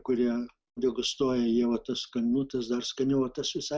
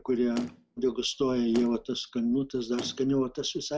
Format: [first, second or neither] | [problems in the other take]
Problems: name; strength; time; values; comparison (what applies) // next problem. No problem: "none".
first | background sound (Motor vehicle (road)); 16 dB below the speech